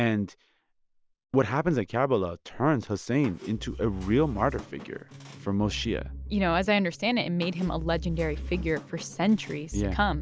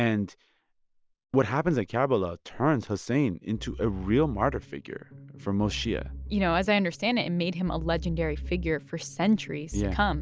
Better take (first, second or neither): second